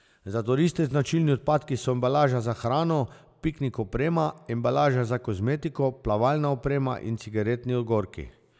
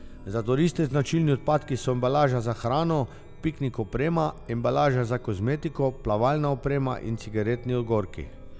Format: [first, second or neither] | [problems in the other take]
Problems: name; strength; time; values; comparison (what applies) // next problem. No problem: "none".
first | background sound (Chime); 17 dB below the speech